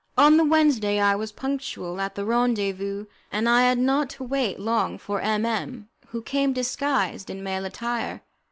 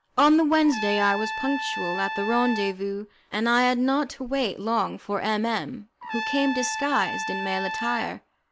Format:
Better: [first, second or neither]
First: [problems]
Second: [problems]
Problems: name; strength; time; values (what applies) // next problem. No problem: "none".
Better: first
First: none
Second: background sound (Trumpet); 6 dB below the speech